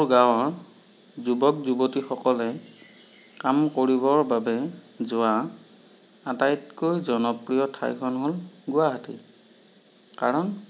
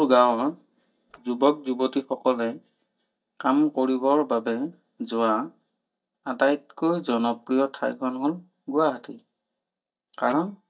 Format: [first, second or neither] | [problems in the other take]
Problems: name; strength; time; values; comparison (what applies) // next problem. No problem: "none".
first | noise reduction (neural mask model DeepFilterNet 3)